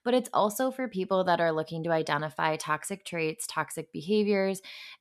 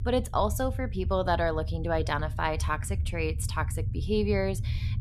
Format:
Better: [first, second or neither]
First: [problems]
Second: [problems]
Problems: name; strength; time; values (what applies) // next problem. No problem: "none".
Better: first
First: none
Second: low rumble; noticeable; throughout; 20 dB below the speech